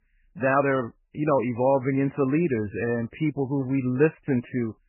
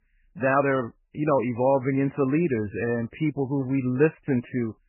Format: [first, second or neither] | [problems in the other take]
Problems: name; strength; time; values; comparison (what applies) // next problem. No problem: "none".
neither | garbled, watery; badly; nothing above 2.5 kHz; the same in both